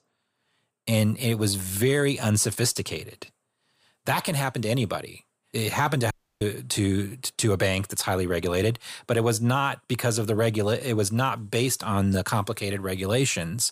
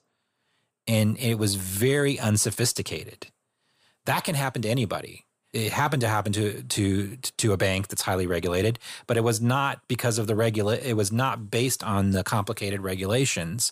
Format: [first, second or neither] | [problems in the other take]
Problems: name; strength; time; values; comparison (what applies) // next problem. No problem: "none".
second | audio cutting out; at 6 s